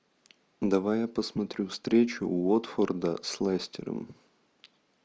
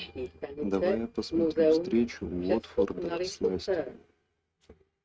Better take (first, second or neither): first